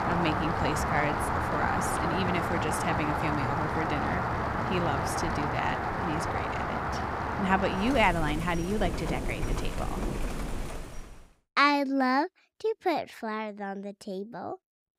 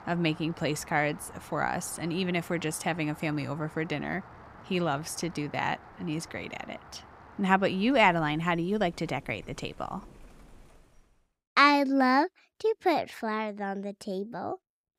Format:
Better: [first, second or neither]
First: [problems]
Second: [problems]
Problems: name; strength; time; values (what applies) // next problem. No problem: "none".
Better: second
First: rain or running water; loud; until 11 s; as loud as the speech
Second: rain or running water; faint; until 11 s; 20 dB below the speech